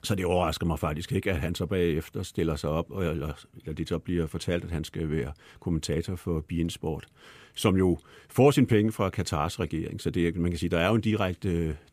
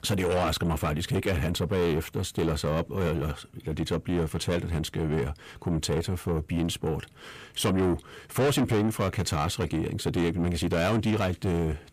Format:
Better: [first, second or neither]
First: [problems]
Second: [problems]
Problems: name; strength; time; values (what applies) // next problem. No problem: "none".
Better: first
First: none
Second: distortion; heavy; 7 dB below the speech